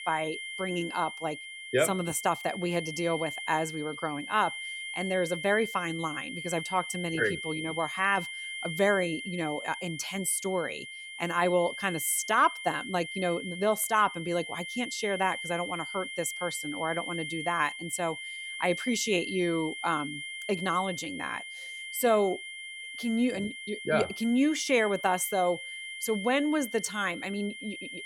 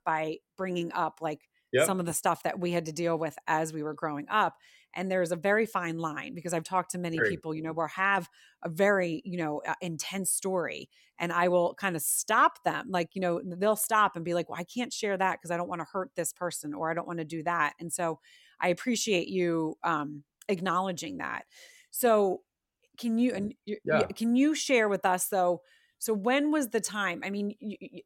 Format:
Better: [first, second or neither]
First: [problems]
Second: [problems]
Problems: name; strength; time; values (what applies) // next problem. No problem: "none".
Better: second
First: high-pitched whine; loud; throughout; 2 kHz, 7 dB below the speech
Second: none